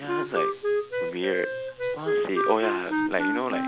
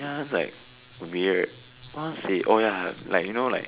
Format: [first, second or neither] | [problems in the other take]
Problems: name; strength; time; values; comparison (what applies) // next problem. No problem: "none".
second | background sound (Wind instrument, woodwind instrument); 2 dB above the speech